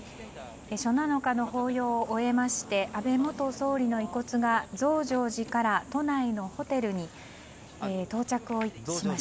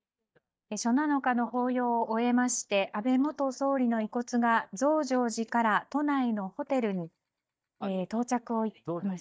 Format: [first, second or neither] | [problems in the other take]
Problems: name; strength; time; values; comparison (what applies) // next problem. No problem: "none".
first | noise reduction (neural mask model DeepFilterNet 3)